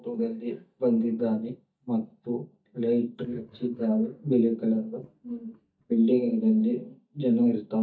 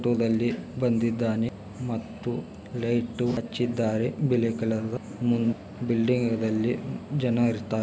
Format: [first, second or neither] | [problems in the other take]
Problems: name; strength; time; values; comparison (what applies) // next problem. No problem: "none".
second | noise reduction (neural mask model DeepFilterNet 3)